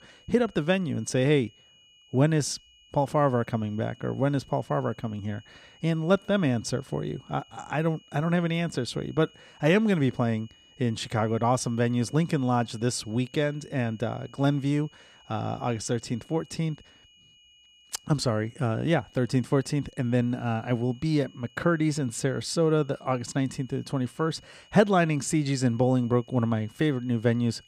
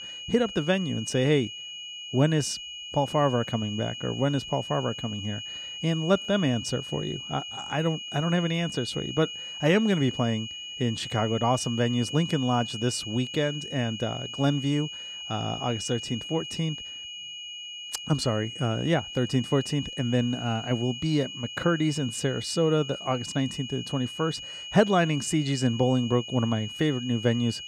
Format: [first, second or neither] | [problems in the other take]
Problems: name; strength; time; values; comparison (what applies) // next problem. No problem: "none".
first | high-pitched whine; loud; throughout; 3 kHz, 8 dB below the speech; faint in the first